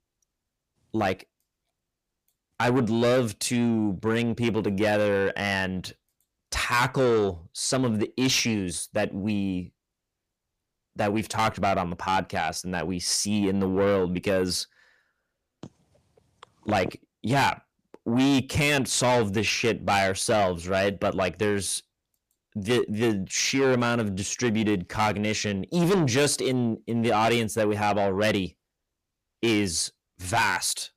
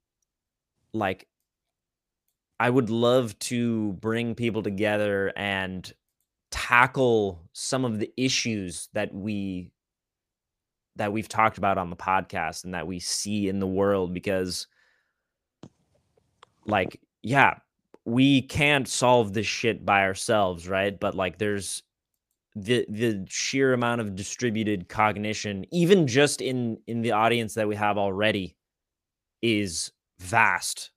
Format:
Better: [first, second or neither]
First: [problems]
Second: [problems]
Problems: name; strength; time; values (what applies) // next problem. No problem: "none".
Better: second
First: distortion; heavy; 7 dB below the speech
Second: none